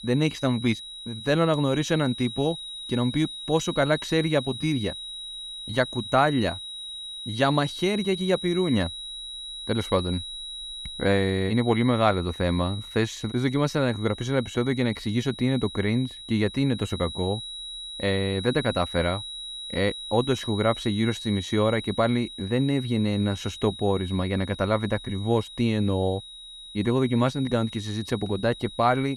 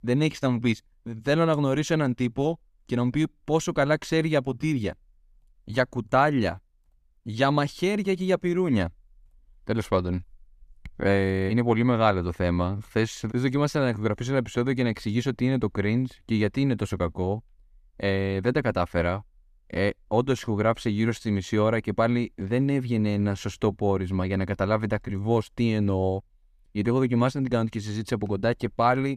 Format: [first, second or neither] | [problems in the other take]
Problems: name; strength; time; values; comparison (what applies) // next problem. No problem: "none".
second | high-pitched whine; noticeable; throughout; 4 kHz, 10 dB below the speech